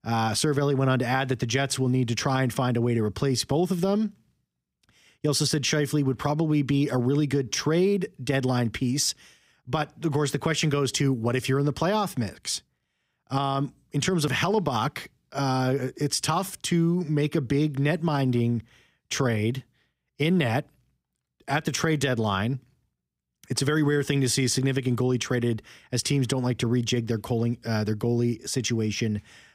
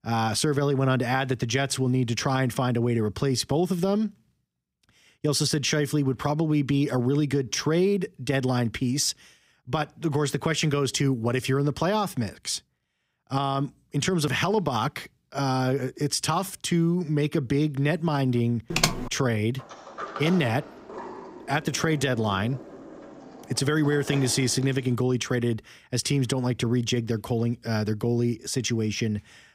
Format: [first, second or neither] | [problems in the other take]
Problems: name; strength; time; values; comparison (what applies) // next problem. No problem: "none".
first | keyboard typing; loud; at 19 s; peak 2 dB above the speech // door banging; noticeable; from 20 to 25 s; peak 9 dB below the speech